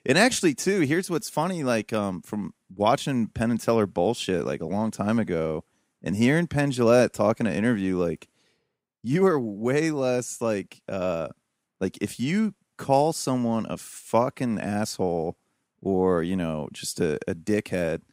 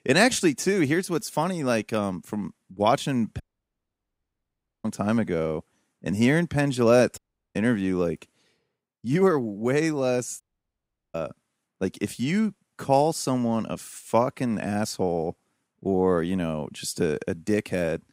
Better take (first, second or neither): first